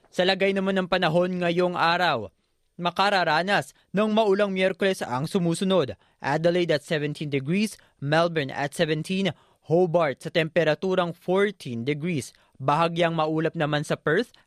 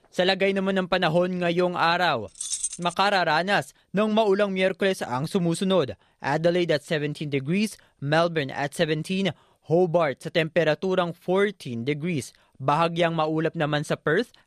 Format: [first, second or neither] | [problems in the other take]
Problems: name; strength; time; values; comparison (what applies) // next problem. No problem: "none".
first | jangling keys; noticeable; at 2.5 s; peak 3 dB below the speech